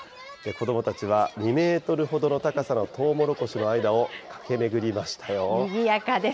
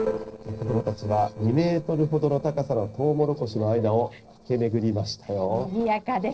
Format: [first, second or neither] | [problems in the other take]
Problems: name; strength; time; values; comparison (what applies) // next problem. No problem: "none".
first | noise reduction (neural separator model SepFormer DNS4)